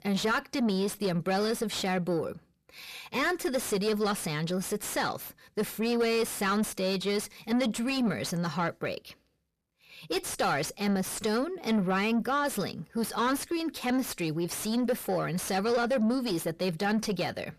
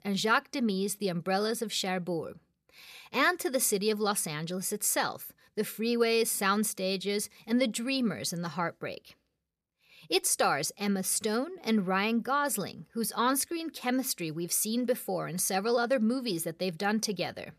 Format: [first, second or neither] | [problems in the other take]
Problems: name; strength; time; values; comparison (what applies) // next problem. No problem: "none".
second | distortion; heavy; 7 dB below the speech